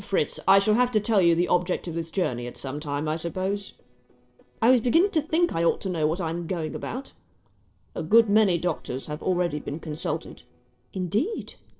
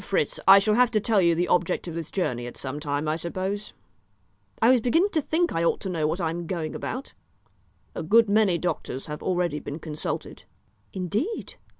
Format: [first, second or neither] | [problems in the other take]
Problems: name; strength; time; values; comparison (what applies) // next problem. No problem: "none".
second | noise reduction (neural separator model SepFormer DNS4)